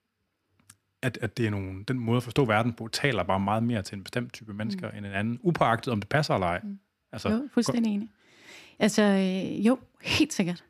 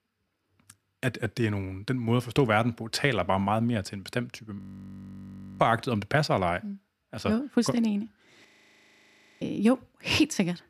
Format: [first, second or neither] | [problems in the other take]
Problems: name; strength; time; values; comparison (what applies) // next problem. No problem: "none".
first | audio freezing; at 4.5 s for 1 s and at 8.5 s for 1 s